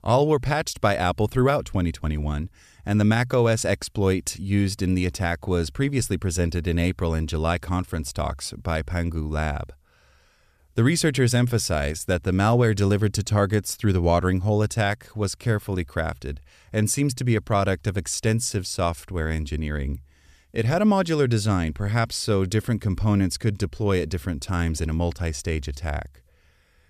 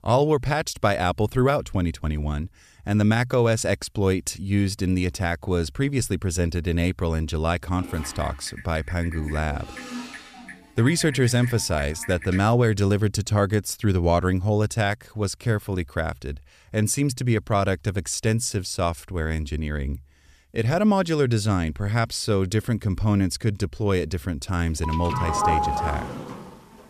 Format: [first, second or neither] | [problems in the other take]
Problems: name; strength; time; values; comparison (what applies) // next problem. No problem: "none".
first | keyboard typing; faint; from 7.5 to 12 s; peak 10 dB below the speech // doorbell; loud; from 25 s on; peak 2 dB above the speech